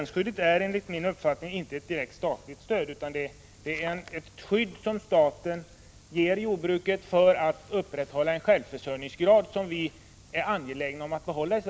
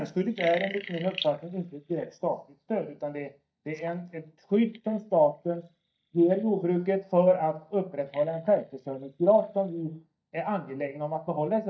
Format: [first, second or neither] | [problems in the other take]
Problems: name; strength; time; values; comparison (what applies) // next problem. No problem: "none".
first | noise reduction (neural mask model DeepFilterNet 3)